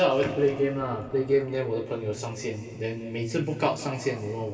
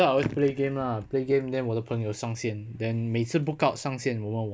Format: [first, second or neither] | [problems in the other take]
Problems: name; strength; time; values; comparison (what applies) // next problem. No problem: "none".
second | room echo; dies away in 2.4 s